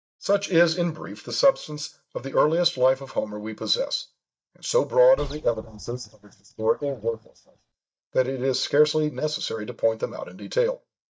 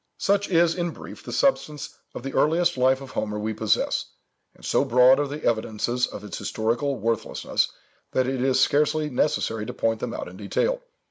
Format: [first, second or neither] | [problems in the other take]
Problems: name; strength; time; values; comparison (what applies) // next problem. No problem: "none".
second | noise reduction (neural mask model DeepFilterNet 3)